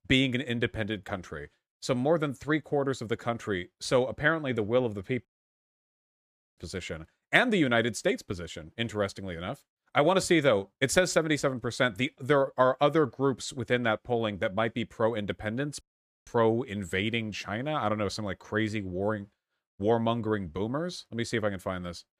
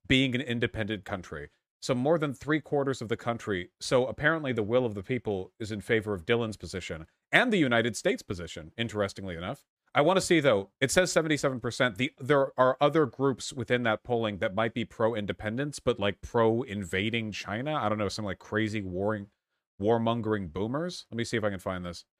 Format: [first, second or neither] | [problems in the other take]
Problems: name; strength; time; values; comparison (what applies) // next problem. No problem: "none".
second | audio cutting out; at 5.5 s for 1.5 s and at 16 s